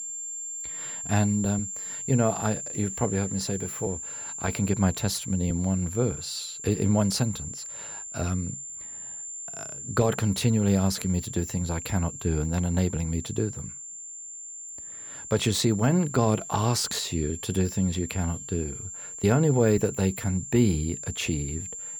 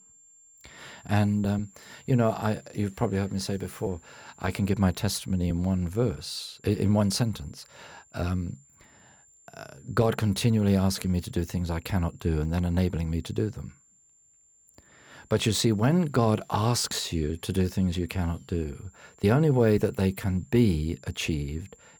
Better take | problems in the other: second | high-pitched whine; loud; throughout; 7.5 kHz, 8 dB below the speech; faint in the second

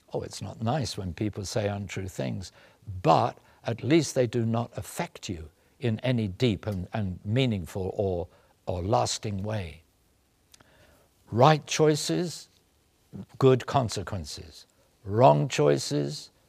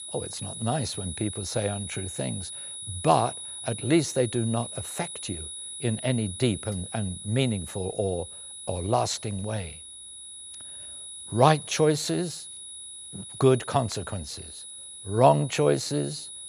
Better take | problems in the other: first | high-pitched whine; loud; throughout; 10 kHz, 10 dB below the speech

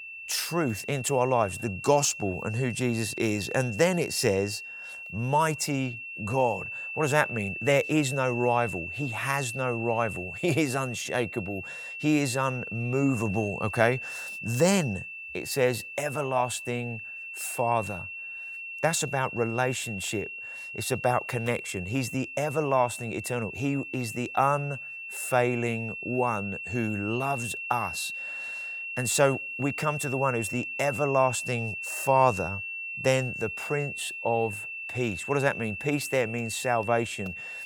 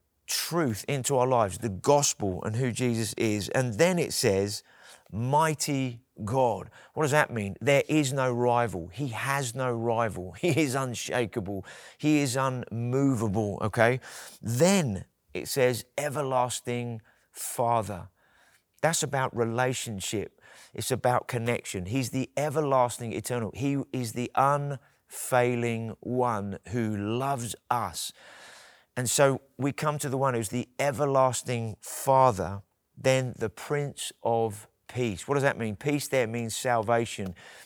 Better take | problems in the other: second | high-pitched whine; loud; throughout; 2.5 kHz, 7 dB below the speech

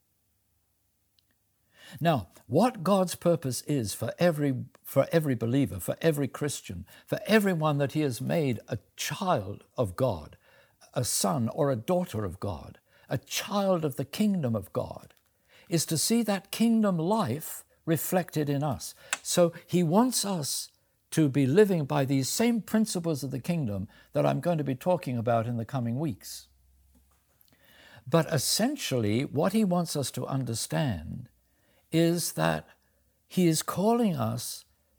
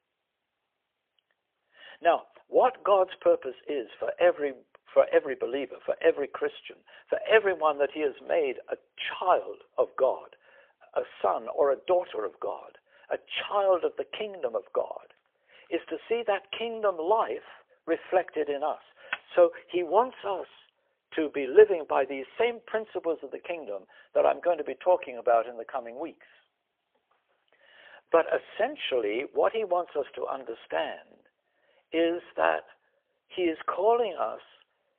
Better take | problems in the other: first | phone-call audio; poor line; nothing above 3.5 kHz

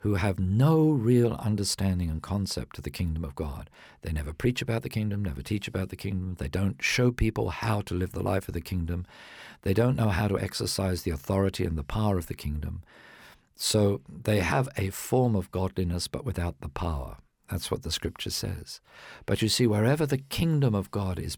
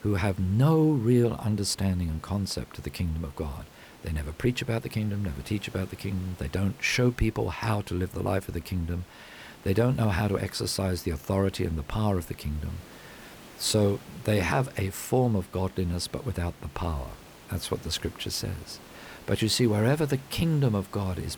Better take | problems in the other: first | hiss; faint; throughout; 20 dB below the speech

